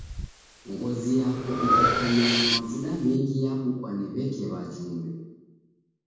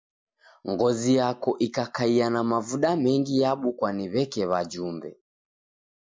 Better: second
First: background sound (Breathing); 2 dB below the speech // room echo; dies away in 1.2 s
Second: none

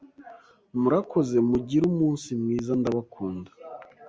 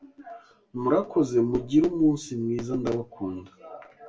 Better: first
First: none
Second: room echo; dies away in 0.2 s

